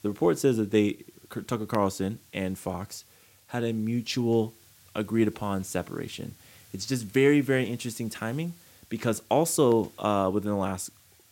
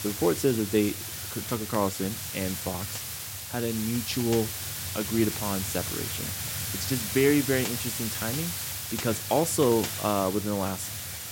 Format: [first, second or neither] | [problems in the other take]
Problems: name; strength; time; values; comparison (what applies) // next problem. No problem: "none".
first | hiss; loud; throughout; 3 dB below the speech; faint in the first